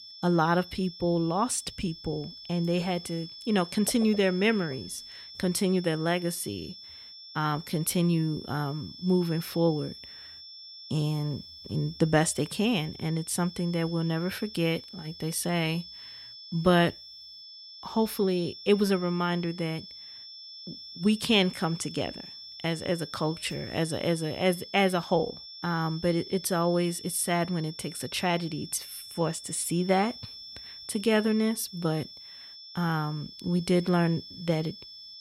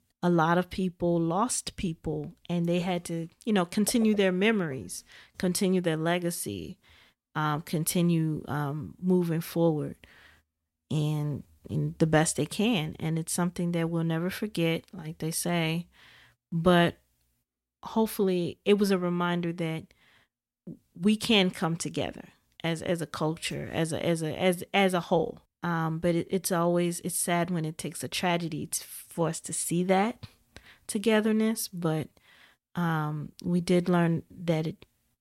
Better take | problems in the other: second | high-pitched whine; noticeable; throughout; 5.5 kHz, 15 dB below the speech

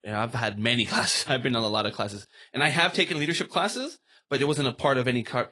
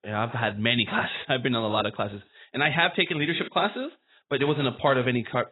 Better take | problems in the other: first | garbled, watery; badly; nothing above 4 kHz; slightly in the first

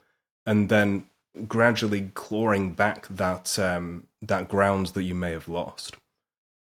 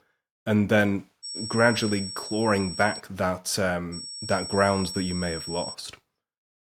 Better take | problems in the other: first | high-pitched whine; loud; from 1 to 3 s and from 4 to 5.5 s; 5.5 kHz, 9 dB below the speech

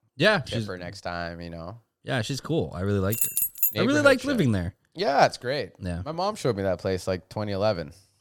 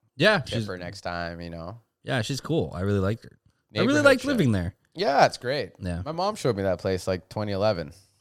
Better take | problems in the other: second | jangling keys; loud; at 3 s; peak 4 dB above the speech

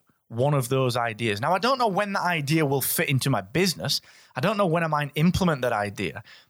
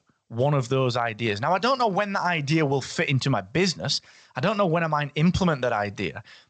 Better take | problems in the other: first | garbled, watery; slightly; nothing above 8 kHz

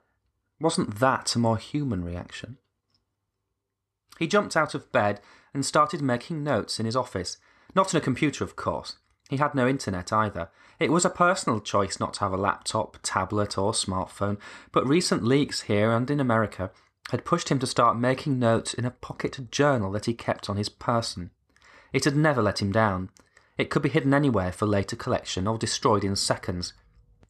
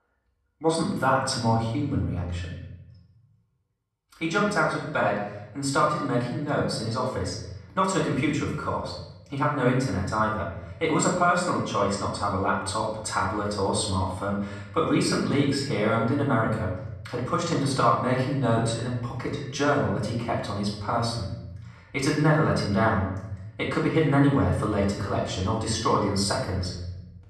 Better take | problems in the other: first | off-mic speech; far // room echo; noticeable; dies away in 0.9 s

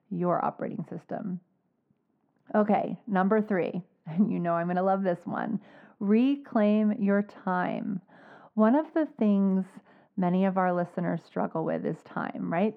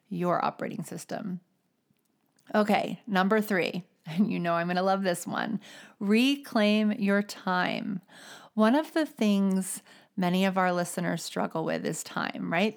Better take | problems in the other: second | muffled; very; fading above 3.5 kHz

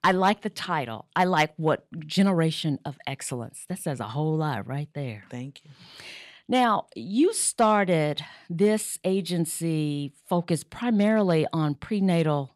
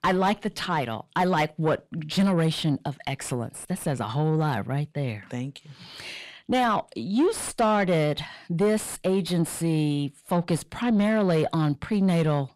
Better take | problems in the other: first | distortion; slight; 9 dB below the speech

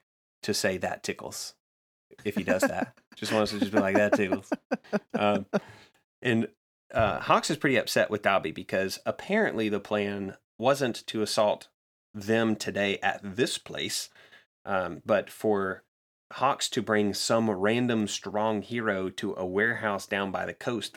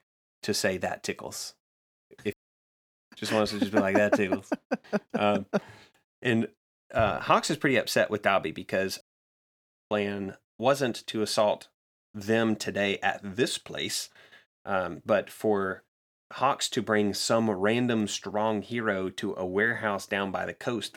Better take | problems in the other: first | audio cutting out; at 2.5 s for 1 s and at 9 s for 1 s

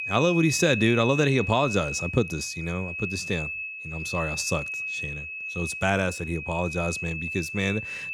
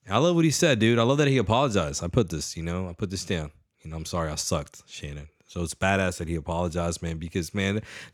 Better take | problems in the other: second | high-pitched whine; loud; throughout; 2.5 kHz, 5 dB below the speech

